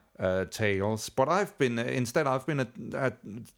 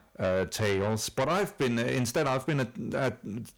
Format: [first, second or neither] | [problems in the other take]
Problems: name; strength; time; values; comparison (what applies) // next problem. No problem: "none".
first | distortion; heavy; 7 dB below the speech